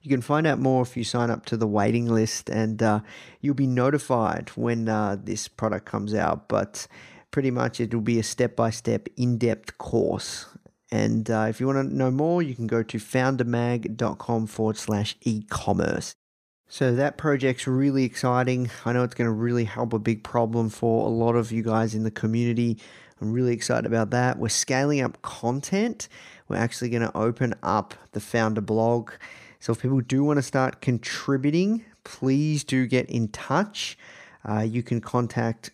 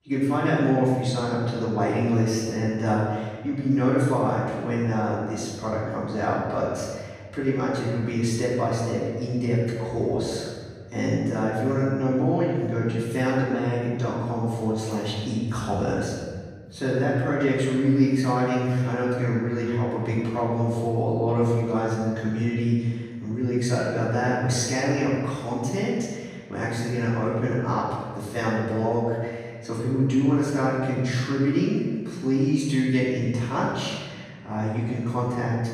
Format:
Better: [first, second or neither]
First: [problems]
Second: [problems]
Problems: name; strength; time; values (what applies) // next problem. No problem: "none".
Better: first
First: none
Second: off-mic speech; far // room echo; strong; dies away in 1.6 s